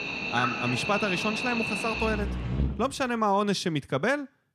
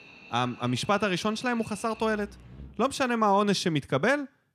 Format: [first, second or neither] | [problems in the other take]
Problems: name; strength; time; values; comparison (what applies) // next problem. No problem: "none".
second | animal sounds; loud; until 2.5 s; 1 dB below the speech; faint in the second